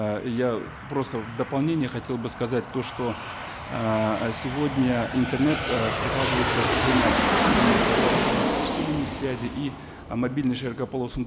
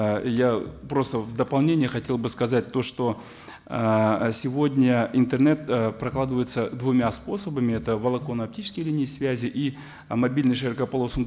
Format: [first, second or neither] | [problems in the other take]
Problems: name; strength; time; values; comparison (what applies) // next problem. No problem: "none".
second | background sound (Aircraft); as loud as the speech